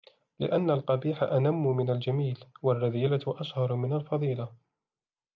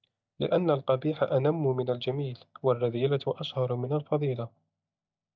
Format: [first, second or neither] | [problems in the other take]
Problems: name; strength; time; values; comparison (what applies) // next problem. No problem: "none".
first | noise reduction (neural mask model DeepFilterNet 3)